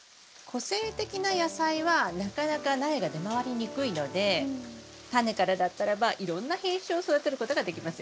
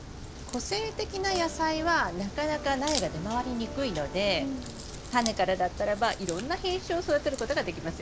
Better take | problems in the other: first | background sound (Crack); 10 dB below the speech

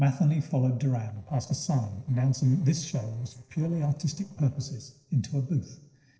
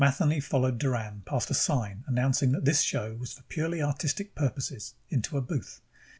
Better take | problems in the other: second | noise reduction (neural separator model SepFormer DNS4)

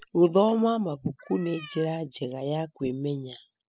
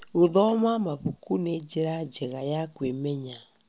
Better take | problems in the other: second | noise reduction (classical method spectral subtraction)

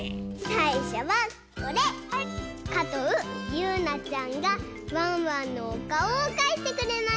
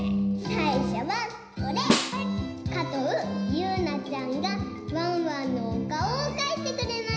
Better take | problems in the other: first | background sound (Snare drum); 3 dB below the speech // room echo; dies away in 0.9 s

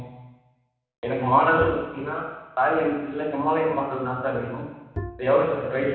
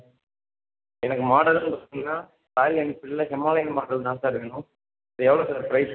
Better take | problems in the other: second | background sound (Bowed string instrument); 10 dB below the speech // room echo; dies away in 1.1 s

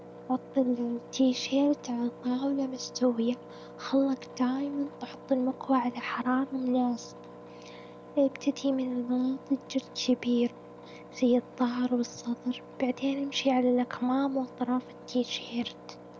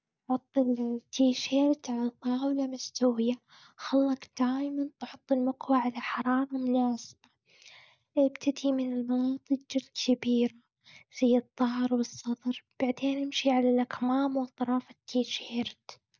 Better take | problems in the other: second | background sound (Engine); 17 dB below the speech

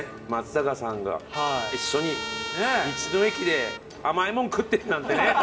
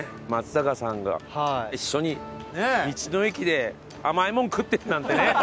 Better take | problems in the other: second | background sound (Trumpet); 8 dB below the speech // room echo; dies away in 2 s

